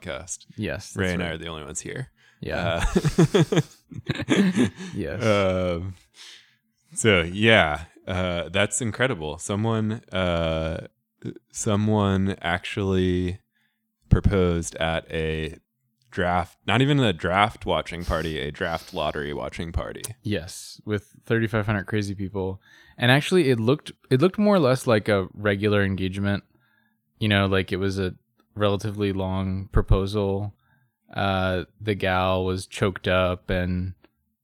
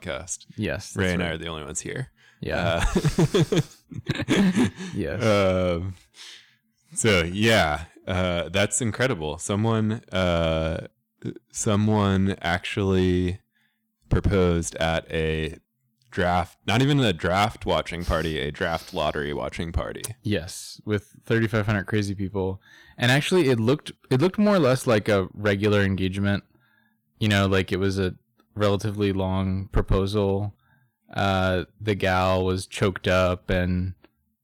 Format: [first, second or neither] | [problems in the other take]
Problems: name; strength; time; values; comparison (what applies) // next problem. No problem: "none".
first | distortion; slight; 3% of the sound clipped